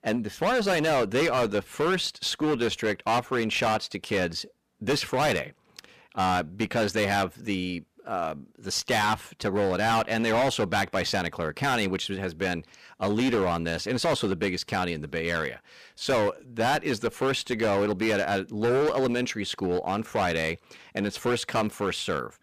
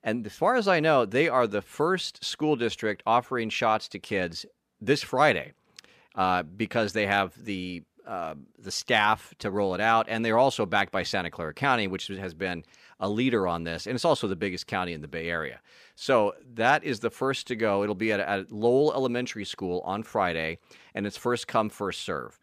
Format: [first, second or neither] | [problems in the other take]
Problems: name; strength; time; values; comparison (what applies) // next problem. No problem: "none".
second | distortion; heavy; 14% of the sound clipped